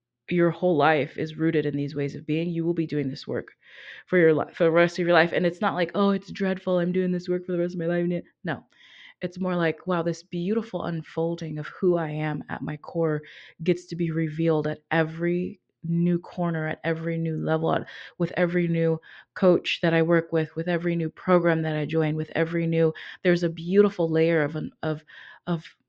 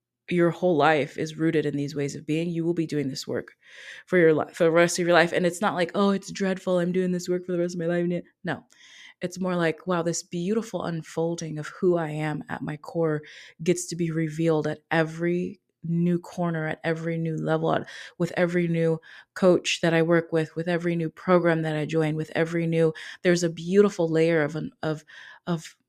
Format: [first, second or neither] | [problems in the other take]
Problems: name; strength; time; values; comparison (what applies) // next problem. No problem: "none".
second | muffled; slightly; fading above 4.5 kHz